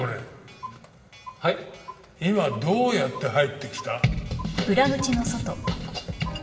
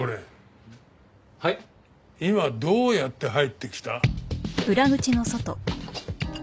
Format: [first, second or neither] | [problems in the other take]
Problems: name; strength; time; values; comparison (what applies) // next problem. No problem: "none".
second | background sound (Clock); 18 dB below the speech // room echo; dies away in 1.9 s